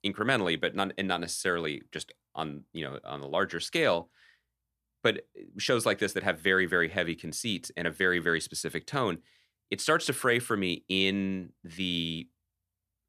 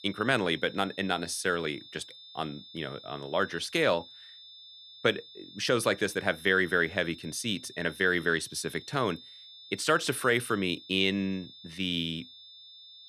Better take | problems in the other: first | high-pitched whine; noticeable; throughout; 3.5 kHz, 20 dB below the speech

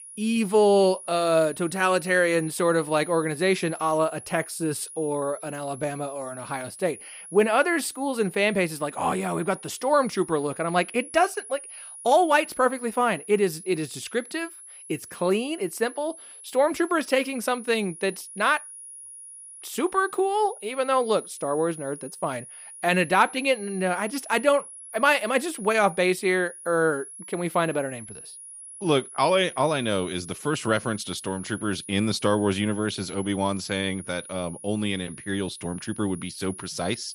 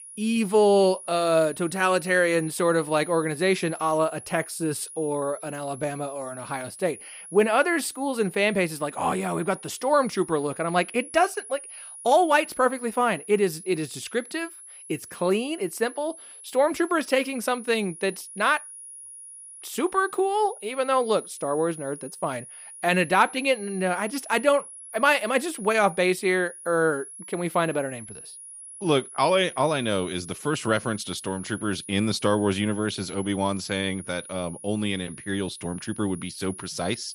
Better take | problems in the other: neither | high-pitched whine; noticeable; throughout; 10.5 kHz, 15 dB below the speech; the same in both

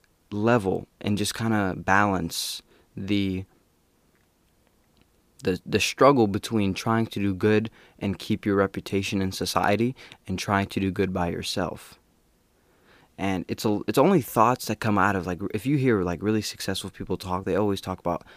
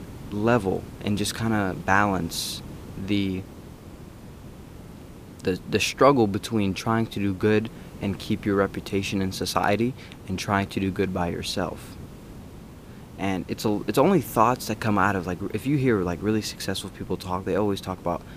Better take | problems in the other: first | hiss; noticeable; throughout; 15 dB below the speech

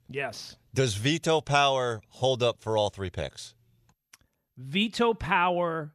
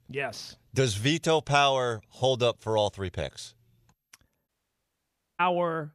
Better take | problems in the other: first | audio cutting out; at 4.5 s for 1 s

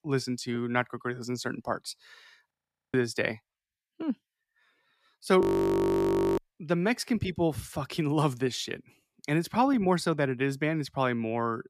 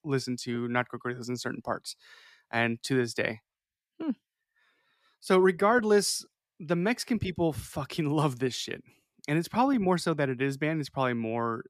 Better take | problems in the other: second | audio freezing; at 2.5 s and at 5.5 s for 1 s

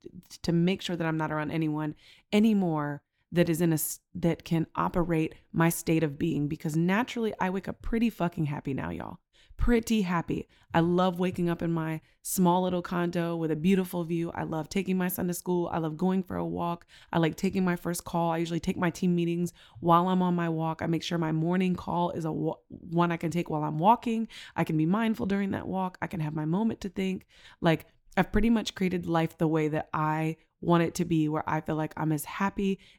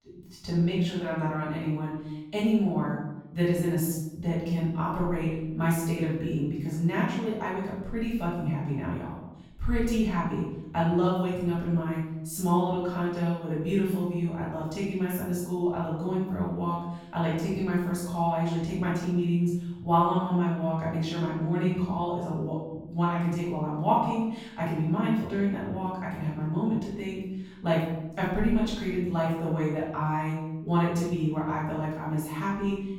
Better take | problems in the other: first | room echo; noticeable; dies away in 0.9 s // off-mic speech; far

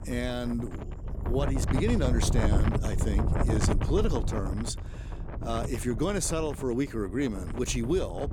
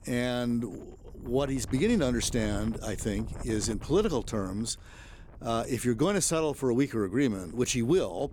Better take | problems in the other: second | wind noise on the microphone; heavy; 5 dB below the speech; occasional gusts in the second

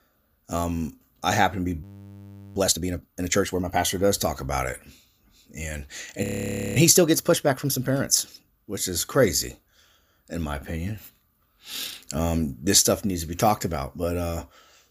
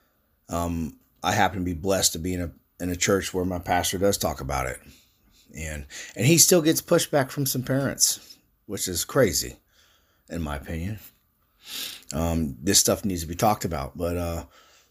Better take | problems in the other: second | audio freezing; at 2 s for 0.5 s and at 6 s for 0.5 s

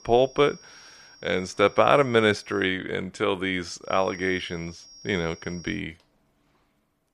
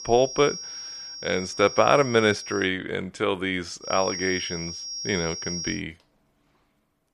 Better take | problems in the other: first | high-pitched whine; loud; until 2.5 s and from 4 to 6 s; 5.5 kHz, 8 dB below the speech; faint in the first

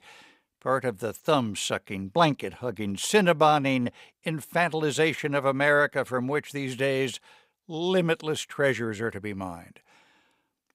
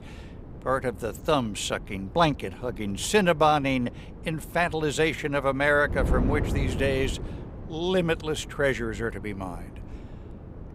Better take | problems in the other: first | wind noise on the microphone; occasional gusts; 20 dB below the speech

